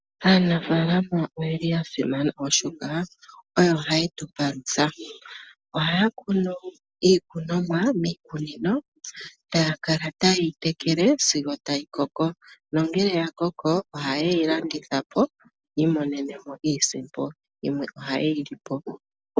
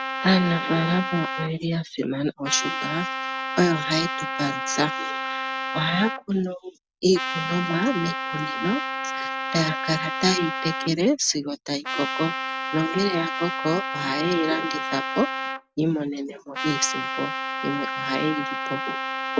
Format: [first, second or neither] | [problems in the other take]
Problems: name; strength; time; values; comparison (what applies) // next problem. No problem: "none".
first | background sound (Trumpet); 4 dB below the speech